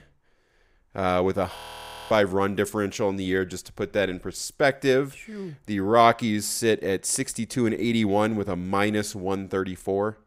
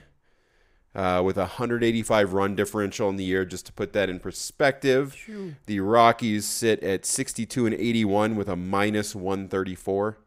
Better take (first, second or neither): second